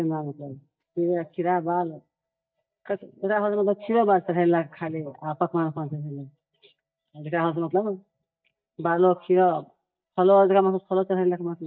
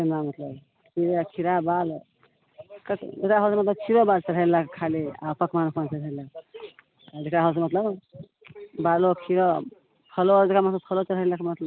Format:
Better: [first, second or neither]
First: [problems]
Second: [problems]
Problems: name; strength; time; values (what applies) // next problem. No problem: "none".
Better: second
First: noise reduction (neural mask model DeepFilterNet 3)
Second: none